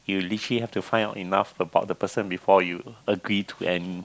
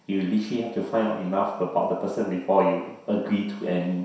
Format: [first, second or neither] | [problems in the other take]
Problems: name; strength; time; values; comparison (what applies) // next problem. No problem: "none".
first | room echo; dies away in 0.7 s